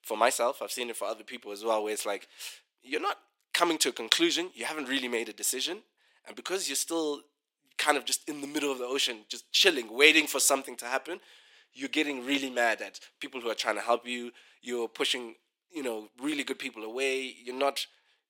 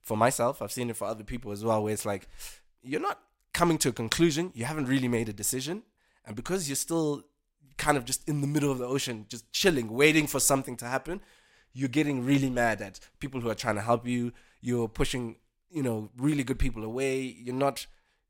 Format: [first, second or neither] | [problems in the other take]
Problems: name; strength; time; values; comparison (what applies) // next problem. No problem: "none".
second | thin; somewhat; fading below 300 Hz